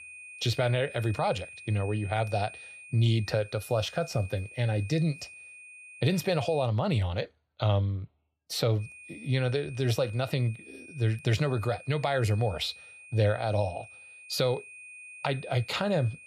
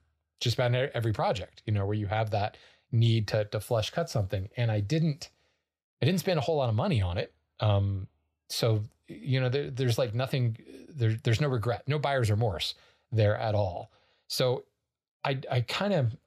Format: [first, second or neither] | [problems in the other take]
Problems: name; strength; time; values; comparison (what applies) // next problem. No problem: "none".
second | high-pitched whine; noticeable; until 6.5 s and from 9 s on; 2.5 kHz, 15 dB below the speech